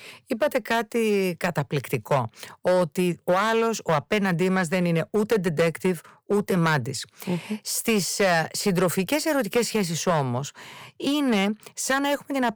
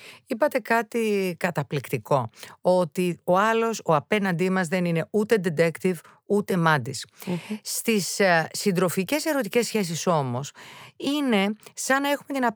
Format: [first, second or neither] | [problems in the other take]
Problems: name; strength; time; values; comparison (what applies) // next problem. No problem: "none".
second | distortion; slight; 5% of the sound clipped